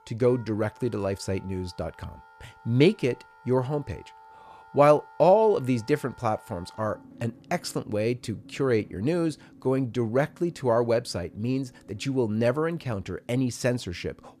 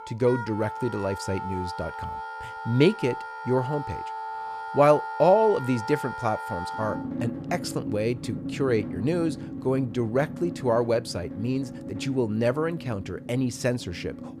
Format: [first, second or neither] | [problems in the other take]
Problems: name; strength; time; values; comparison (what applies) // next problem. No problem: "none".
first | background music; loud; throughout; 9 dB below the speech; faint in the first